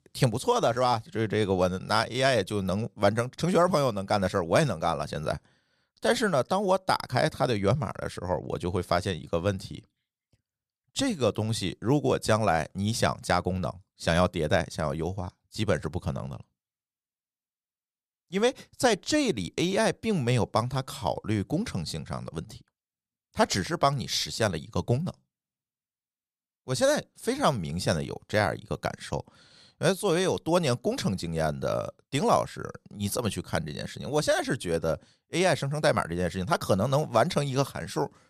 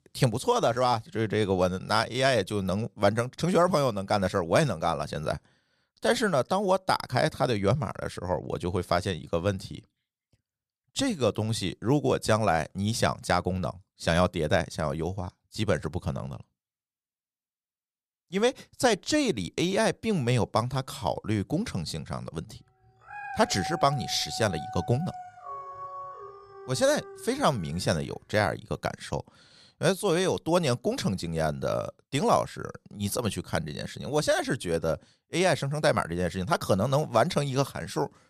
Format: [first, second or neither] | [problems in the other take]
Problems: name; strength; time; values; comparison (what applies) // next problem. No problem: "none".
first | dog barking; noticeable; from 23 to 28 s; peak 8 dB below the speech